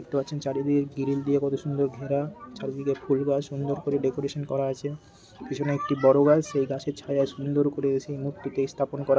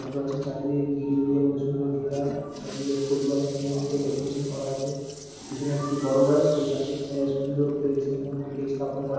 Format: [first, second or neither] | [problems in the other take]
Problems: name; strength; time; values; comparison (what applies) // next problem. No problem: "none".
first | background sound (Toilet flush); 19 dB below the speech // room echo; dies away in 1.2 s